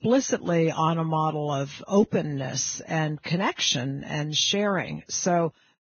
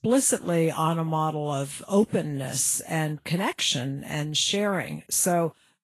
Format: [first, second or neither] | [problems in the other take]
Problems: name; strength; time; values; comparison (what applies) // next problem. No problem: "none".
second | garbled, watery; badly; nothing above 6.5 kHz; slightly in the second